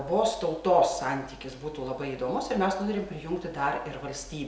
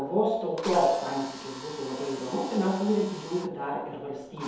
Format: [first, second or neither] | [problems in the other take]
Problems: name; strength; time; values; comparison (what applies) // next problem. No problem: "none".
first | background sound (Drill); 14 dB below the speech // room echo; dies away in 2.1 s